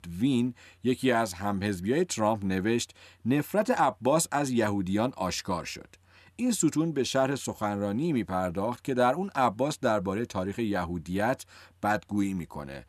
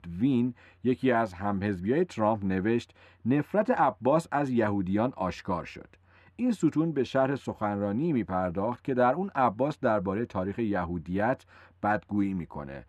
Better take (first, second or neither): first